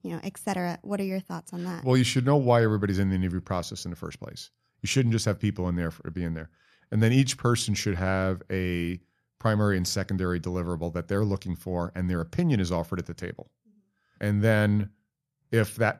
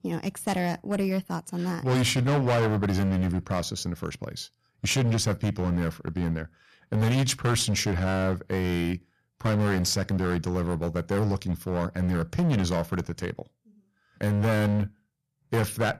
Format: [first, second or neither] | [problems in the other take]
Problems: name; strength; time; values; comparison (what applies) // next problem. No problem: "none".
first | distortion; heavy; 13% of the sound clipped